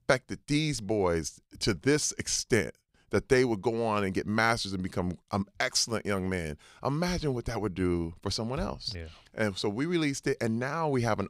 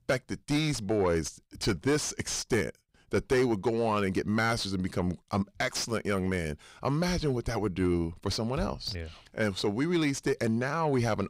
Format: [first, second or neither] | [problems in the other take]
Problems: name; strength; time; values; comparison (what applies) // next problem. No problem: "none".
first | distortion; slight; 10 dB below the speech